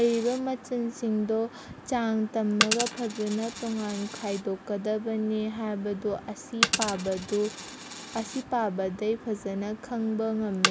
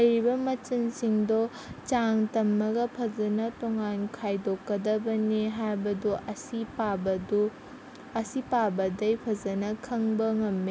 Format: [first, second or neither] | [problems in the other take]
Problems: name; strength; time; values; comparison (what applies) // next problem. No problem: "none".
second | background sound (Coin (dropping)); 6 dB below the speech